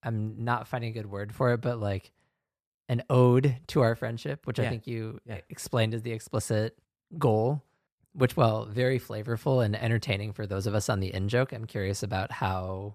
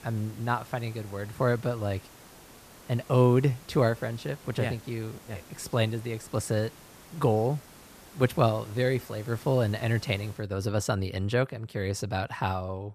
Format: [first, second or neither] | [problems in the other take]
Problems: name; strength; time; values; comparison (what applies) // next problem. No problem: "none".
first | hiss; faint; until 10 s; 20 dB below the speech